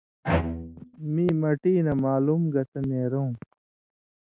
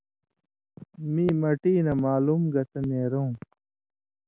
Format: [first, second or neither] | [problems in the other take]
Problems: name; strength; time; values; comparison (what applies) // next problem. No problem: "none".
second | noise reduction (neural mask model RNNoise)